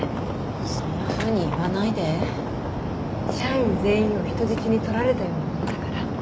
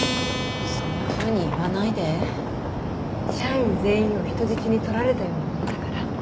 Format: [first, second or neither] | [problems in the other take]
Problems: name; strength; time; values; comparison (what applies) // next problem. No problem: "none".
first | background sound (Acoustic guitar); 13 dB below the speech